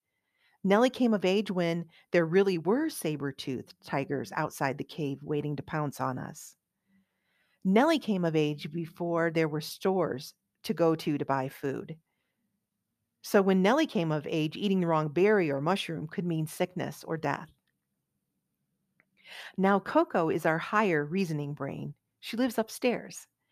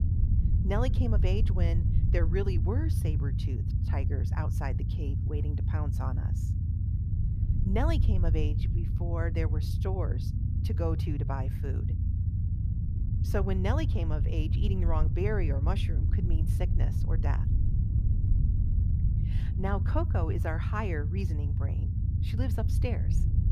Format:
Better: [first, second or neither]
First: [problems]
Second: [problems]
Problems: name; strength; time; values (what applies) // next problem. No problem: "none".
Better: first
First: none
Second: low rumble; loud; throughout; 6 dB below the speech